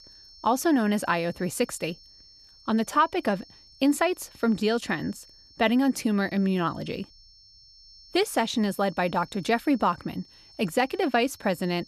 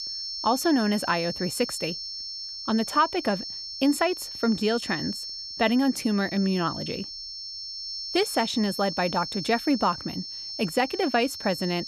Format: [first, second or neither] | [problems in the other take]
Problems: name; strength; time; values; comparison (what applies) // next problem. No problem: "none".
first | high-pitched whine; loud; throughout; 5.5 kHz, 7 dB below the speech; faint in the first